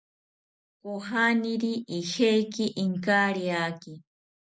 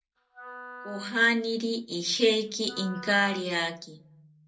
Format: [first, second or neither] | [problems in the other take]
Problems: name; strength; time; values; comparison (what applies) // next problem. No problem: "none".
first | background sound (Wind instrument, woodwind instrument); 18 dB below the speech // room echo; dies away in 0.2 s